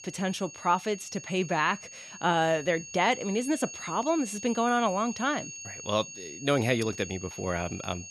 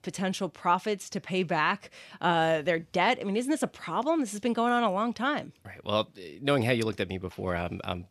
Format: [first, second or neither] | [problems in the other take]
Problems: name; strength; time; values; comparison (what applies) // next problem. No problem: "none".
second | high-pitched whine; noticeable; throughout; 6.5 kHz, 10 dB below the speech